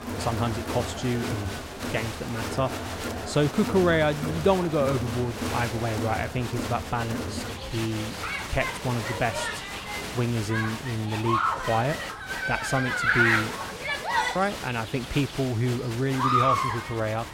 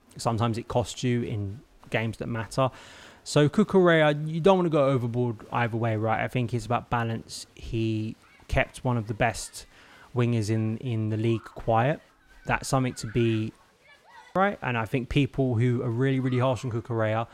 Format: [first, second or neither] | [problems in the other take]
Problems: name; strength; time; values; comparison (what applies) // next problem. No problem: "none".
second | crowd noise; loud; throughout; 2 dB below the speech; faint in the second